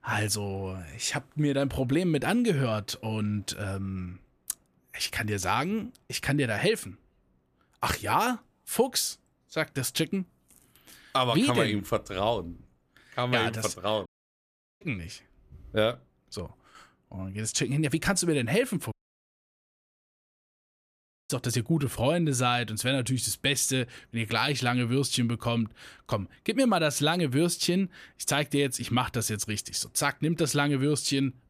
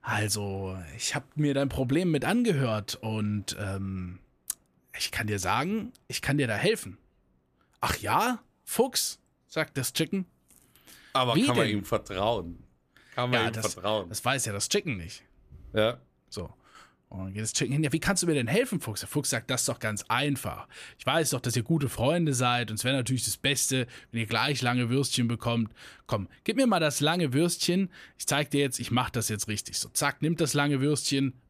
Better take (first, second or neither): second